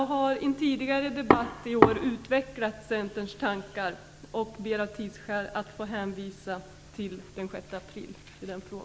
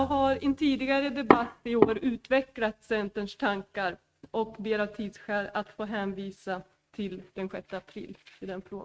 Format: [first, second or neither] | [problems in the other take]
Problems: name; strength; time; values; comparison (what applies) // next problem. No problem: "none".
first | noise reduction (neural mask model RNNoise)